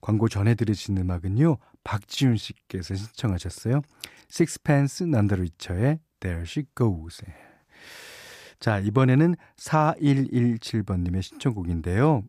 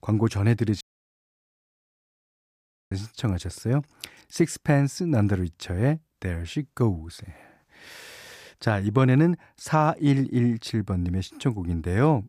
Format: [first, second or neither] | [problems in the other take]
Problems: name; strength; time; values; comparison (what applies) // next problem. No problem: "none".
first | audio cutting out; at 1 s for 2 s